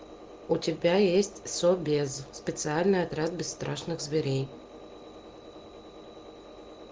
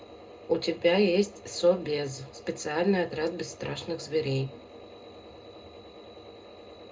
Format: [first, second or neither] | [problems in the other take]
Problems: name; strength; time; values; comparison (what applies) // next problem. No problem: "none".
first | room echo; dies away in 0.2 s